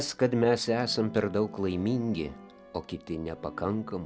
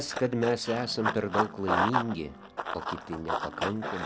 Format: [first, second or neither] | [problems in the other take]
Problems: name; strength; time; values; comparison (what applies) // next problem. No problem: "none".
first | background sound (Run); 1 dB below the speech